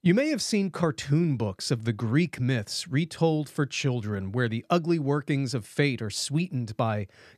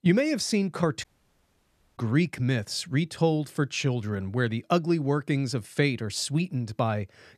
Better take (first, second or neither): first